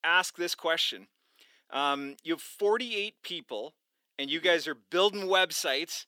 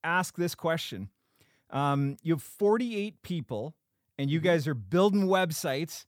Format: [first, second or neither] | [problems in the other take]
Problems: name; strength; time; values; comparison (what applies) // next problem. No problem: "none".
second | thin; very; fading below 300 Hz